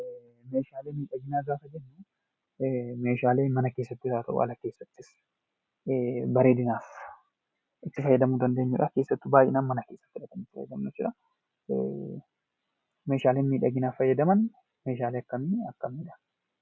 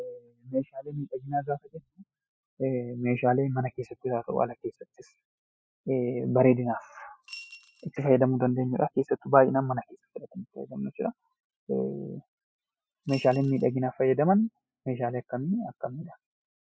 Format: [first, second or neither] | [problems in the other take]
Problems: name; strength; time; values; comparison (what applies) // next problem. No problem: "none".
first | noise reduction (classical method spectral subtraction)